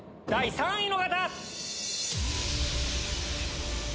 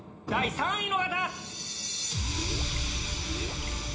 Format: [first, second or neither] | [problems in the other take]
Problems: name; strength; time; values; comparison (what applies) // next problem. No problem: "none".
first | background sound (Gurgling); 12 dB below the speech // room echo; dies away in 0.5 s